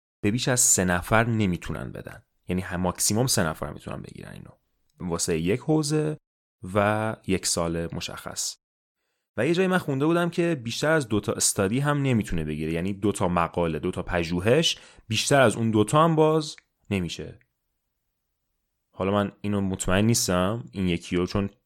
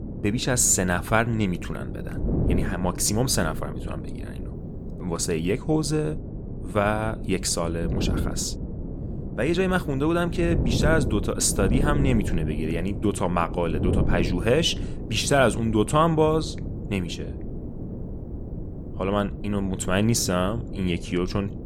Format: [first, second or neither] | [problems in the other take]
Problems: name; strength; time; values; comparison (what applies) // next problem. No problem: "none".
first | wind noise on the microphone; occasional gusts; 15 dB below the speech